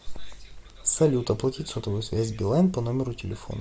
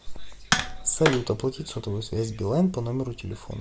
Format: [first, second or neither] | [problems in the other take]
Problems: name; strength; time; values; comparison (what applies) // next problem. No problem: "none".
first | background sound (Tap); 4 dB below the speech